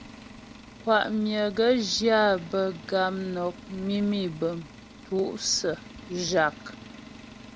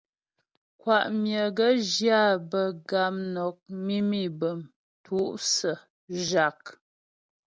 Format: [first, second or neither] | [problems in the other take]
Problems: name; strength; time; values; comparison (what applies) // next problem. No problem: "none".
second | background sound (Engine); 17 dB below the speech